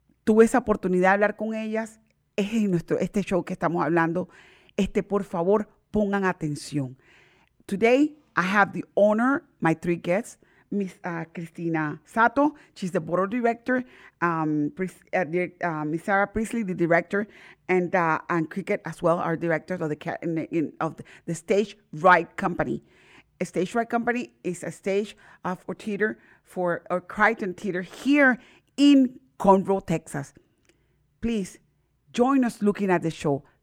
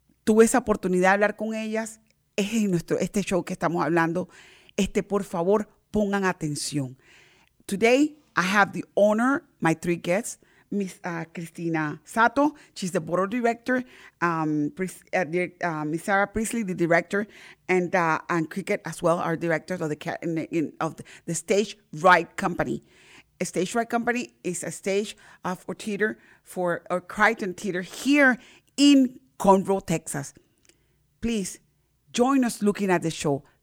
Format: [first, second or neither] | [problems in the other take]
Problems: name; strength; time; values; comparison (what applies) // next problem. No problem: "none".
second | muffled; slightly; fading above 3 kHz